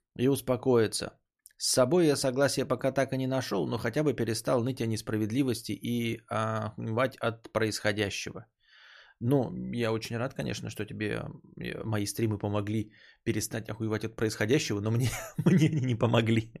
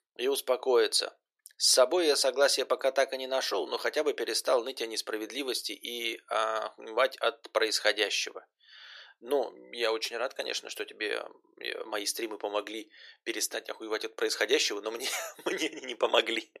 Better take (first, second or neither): first